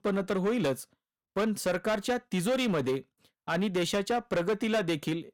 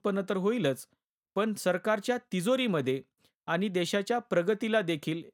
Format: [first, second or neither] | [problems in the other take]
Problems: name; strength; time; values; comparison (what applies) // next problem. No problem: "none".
second | distortion; slight; 12% of the sound clipped